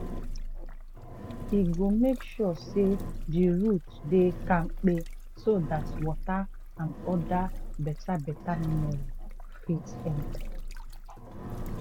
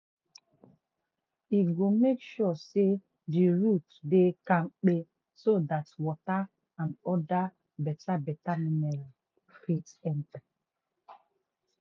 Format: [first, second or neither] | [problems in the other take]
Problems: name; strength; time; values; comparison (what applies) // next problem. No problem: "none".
second | background sound (Engine); 6 dB below the speech